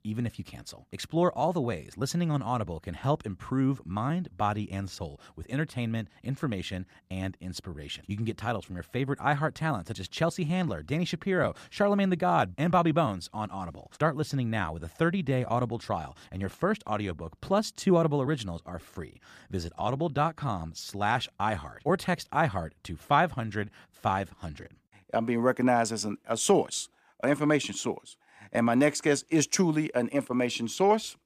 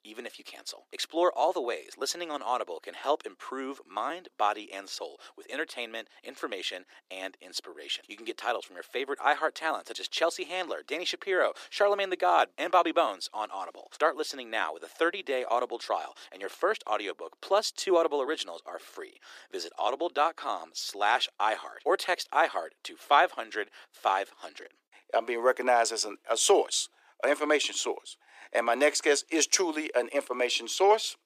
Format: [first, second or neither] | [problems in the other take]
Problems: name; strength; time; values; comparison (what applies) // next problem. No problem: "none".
first | thin; very; fading below 350 Hz